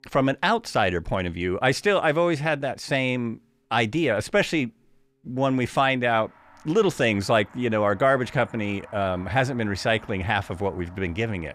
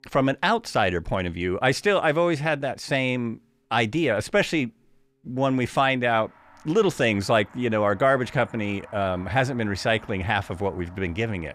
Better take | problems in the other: neither | background music; faint; throughout; 25 dB below the speech; the same in both

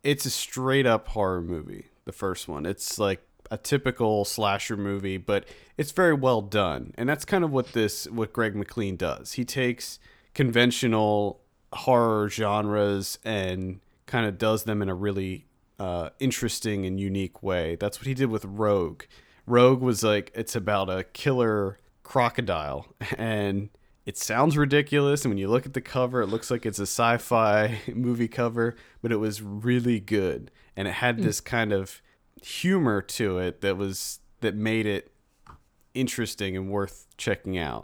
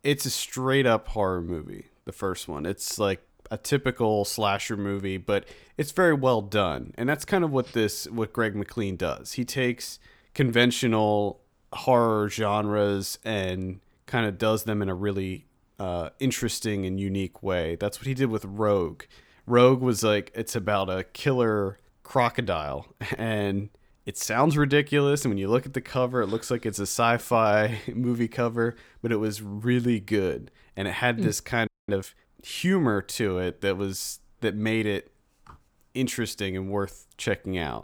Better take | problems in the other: first | audio freezing; at 32 s

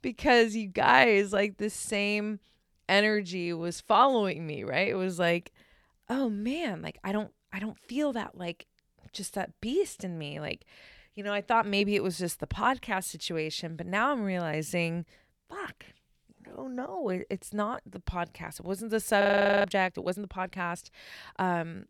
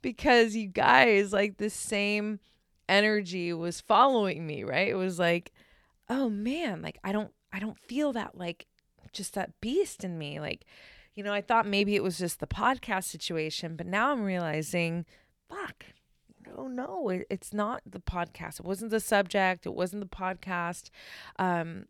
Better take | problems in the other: second | audio freezing; at 19 s

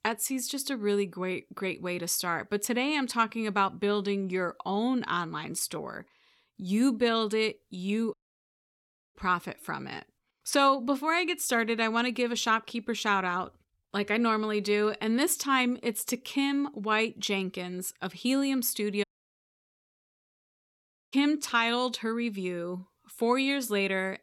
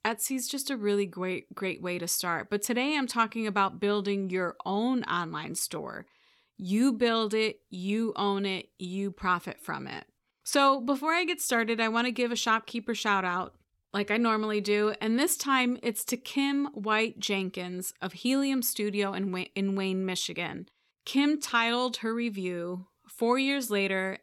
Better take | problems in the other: second | audio cutting out; at 8 s for 1 s and at 19 s for 2 s

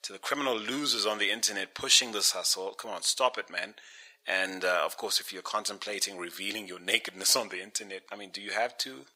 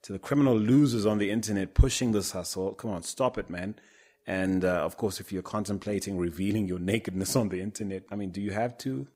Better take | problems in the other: second | thin; very; fading below 850 Hz

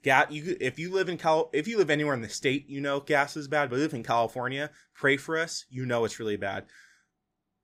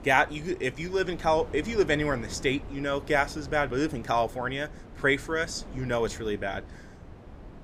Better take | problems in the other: first | wind noise on the microphone; occasional gusts; 20 dB below the speech

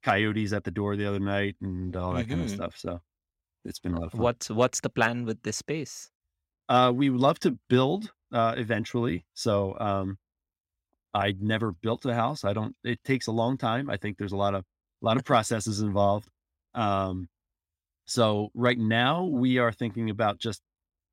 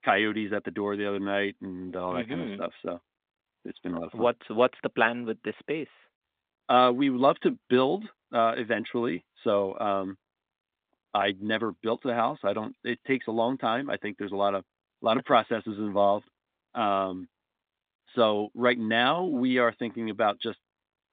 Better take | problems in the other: first | phone-call audio; nothing above 3.5 kHz

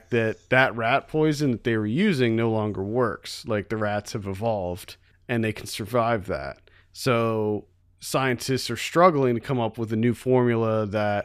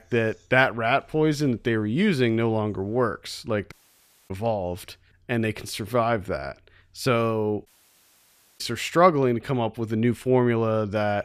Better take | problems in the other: first | audio cutting out; at 3.5 s for 0.5 s and at 7.5 s for 1 s

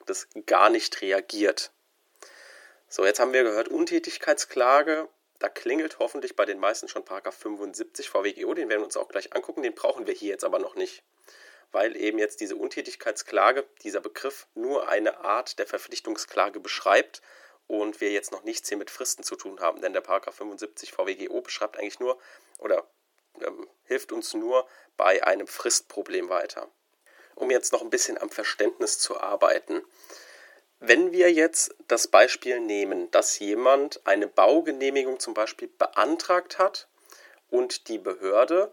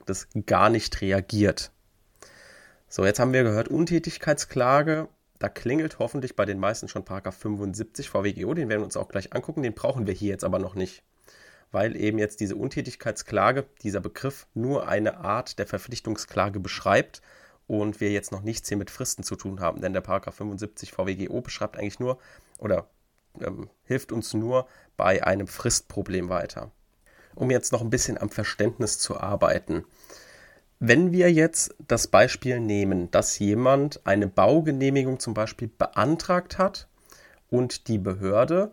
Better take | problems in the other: second | thin; very; fading below 350 Hz

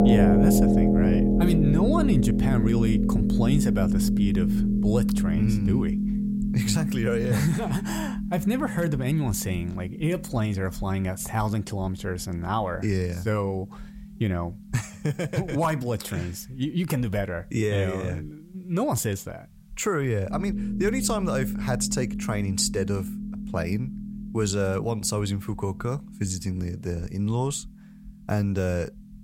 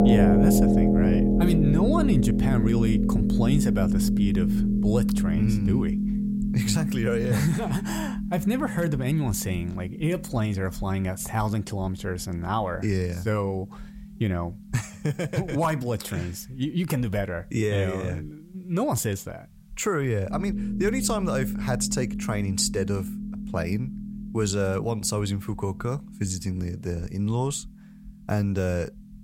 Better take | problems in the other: neither | background music; very loud; throughout; 2 dB above the speech; the same in both

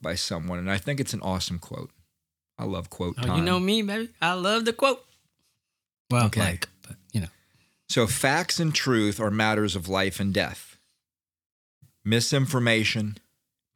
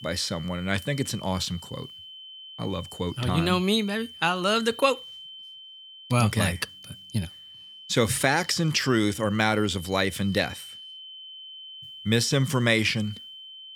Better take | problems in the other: first | high-pitched whine; noticeable; throughout; 3 kHz, 15 dB below the speech

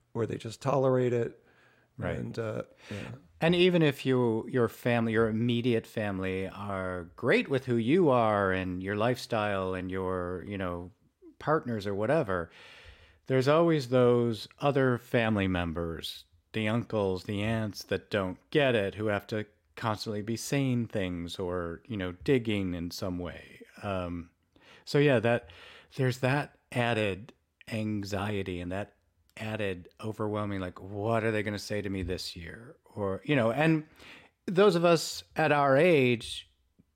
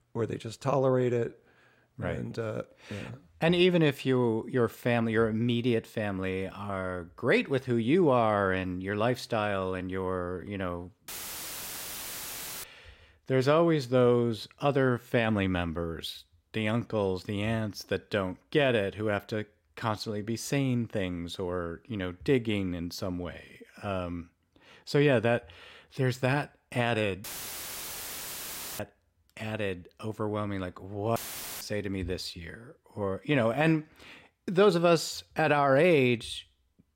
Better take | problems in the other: first | audio cutting out; filled with static; at 11 s for 1.5 s, at 27 s for 1.5 s and at 31 s

